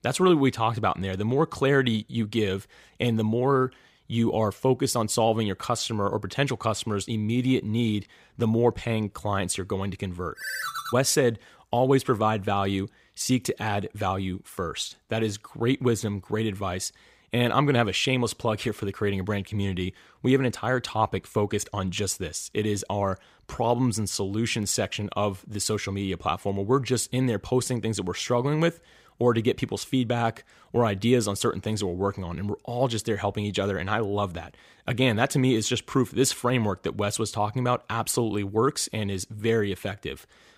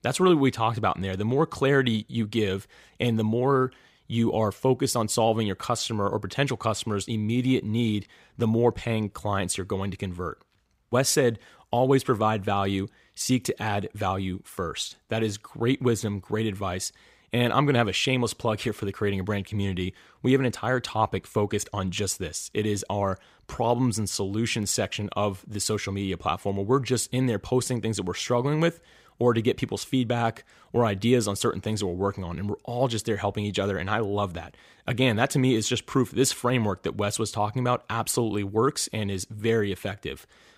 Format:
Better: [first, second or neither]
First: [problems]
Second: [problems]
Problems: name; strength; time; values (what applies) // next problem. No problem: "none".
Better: second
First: phone ringing; noticeable; at 10 s; peak 4 dB below the speech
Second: none